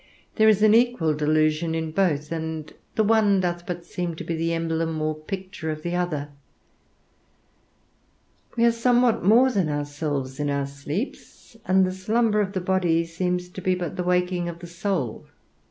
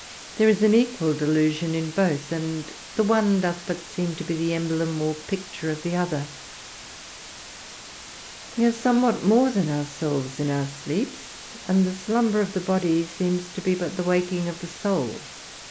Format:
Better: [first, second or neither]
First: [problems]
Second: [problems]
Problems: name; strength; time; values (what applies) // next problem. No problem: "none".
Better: first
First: none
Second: background sound (Water); 16 dB below the speech